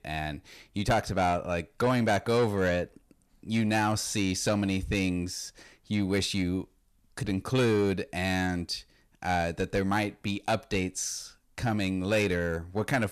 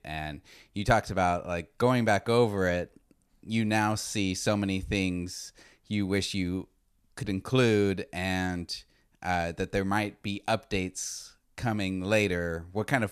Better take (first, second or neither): second